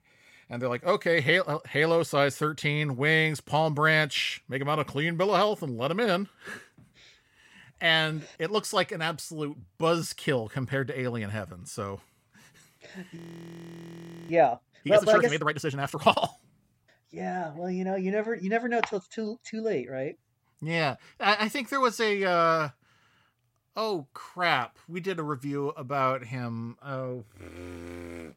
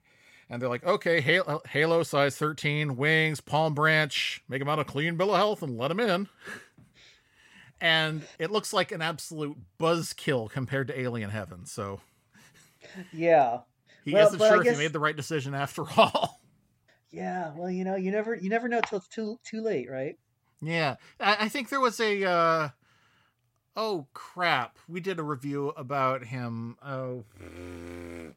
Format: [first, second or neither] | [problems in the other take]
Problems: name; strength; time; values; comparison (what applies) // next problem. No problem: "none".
second | audio freezing; at 13 s for 1 s